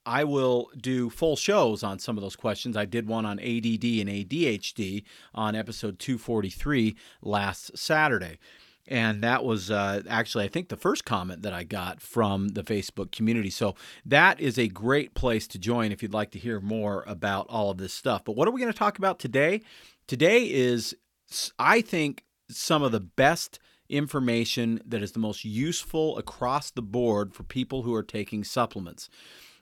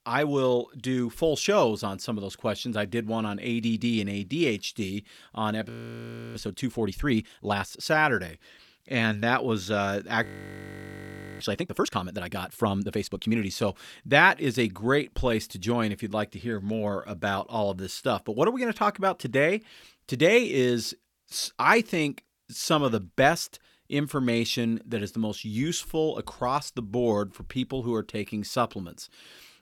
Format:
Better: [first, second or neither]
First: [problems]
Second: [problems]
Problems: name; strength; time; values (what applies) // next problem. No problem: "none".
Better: first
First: none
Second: audio freezing; at 5.5 s for 0.5 s and at 10 s for 1 s